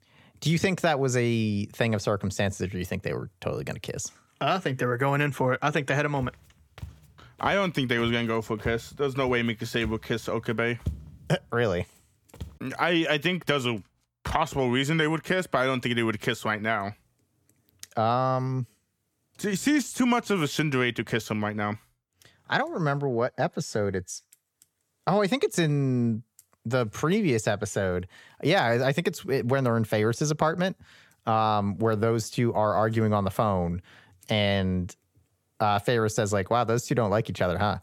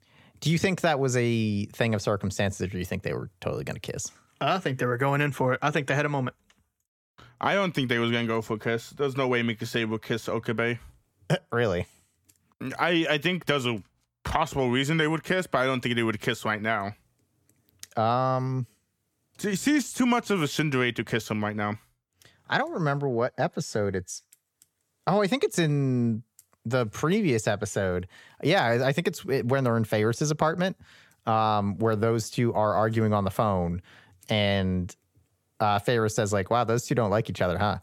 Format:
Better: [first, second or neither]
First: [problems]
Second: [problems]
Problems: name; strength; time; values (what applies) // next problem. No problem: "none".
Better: second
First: footsteps; noticeable; from 6 to 12 s; peak 10 dB below the speech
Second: none